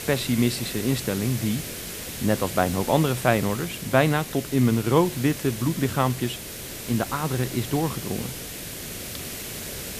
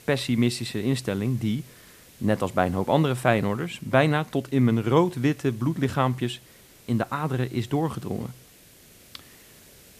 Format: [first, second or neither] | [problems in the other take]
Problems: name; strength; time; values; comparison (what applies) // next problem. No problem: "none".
second | hiss; loud; throughout; 9 dB below the speech; faint in the second